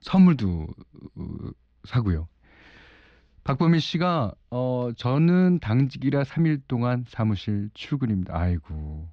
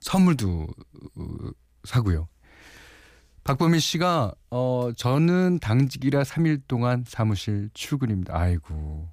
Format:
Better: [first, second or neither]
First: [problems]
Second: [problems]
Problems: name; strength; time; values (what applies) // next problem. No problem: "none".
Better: second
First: muffled; very slightly; fading above 4.5 kHz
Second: none